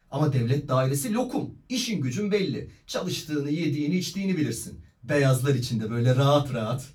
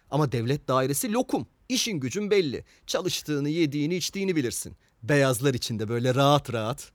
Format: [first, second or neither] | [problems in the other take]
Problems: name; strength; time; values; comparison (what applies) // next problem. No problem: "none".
second | off-mic speech; far // room echo; very slight; dies away in 0.2 s